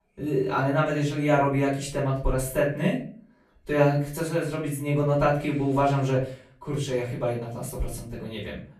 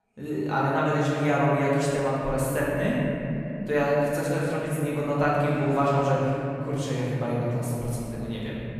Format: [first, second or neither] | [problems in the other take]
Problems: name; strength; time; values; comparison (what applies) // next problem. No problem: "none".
first | room echo; strong; dies away in 3 s; slight in the first // off-mic speech; far; far in the first